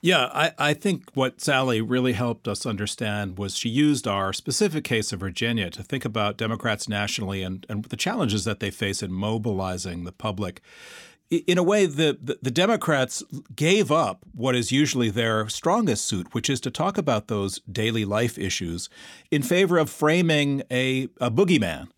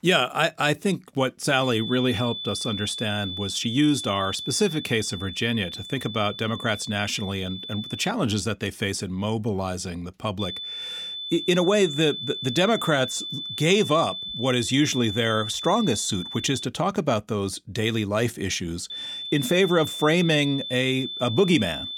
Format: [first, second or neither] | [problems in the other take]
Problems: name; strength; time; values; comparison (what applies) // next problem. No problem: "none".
first | high-pitched whine; loud; from 1.5 to 8 s, from 10 to 17 s and from 19 s on; 3.5 kHz, 7 dB below the speech